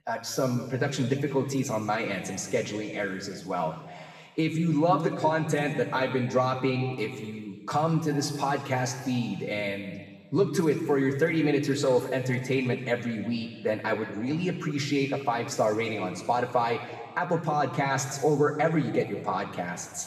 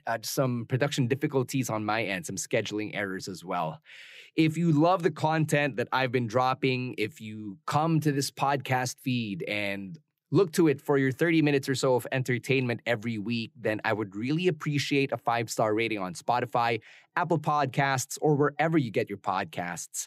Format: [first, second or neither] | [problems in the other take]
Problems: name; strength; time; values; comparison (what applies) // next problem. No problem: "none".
second | room echo; noticeable; dies away in 1.5 s // off-mic speech; far